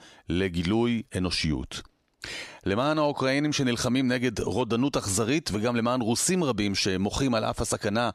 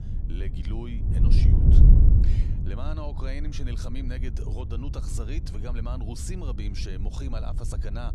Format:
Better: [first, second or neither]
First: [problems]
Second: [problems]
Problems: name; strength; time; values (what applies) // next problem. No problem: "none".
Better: first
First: none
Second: wind noise on the microphone; heavy; as loud as the speech